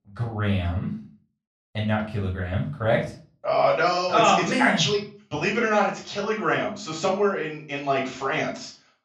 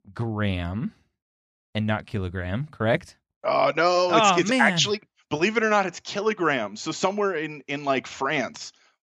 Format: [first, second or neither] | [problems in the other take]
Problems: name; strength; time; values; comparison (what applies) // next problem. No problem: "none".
second | room echo; slight; dies away in 0.3 s // off-mic speech; far